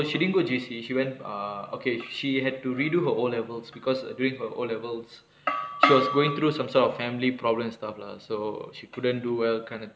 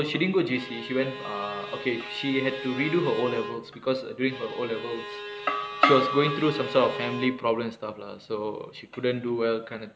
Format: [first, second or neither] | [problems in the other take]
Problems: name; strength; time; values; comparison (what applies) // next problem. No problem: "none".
first | background sound (Bowed string instrument); 10 dB below the speech